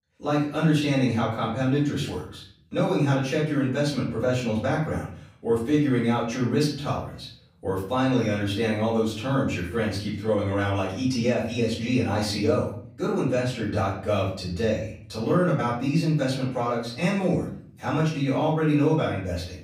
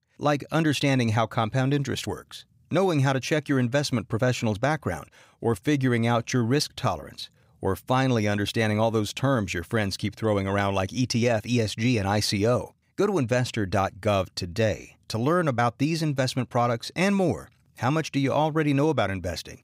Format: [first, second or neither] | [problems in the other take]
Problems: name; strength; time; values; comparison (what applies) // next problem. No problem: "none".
second | off-mic speech; far // room echo; noticeable; dies away in 0.5 s